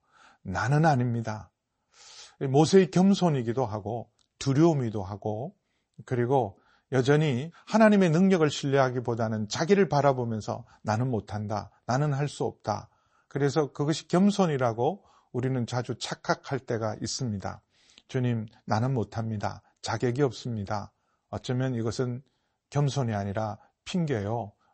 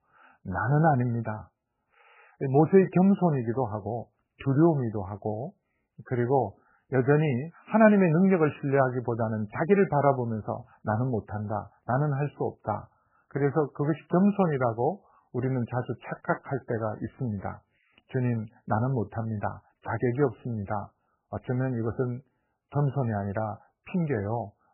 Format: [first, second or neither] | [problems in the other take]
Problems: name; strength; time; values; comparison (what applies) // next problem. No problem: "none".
first | garbled, watery; badly; nothing above 3 kHz; slightly in the first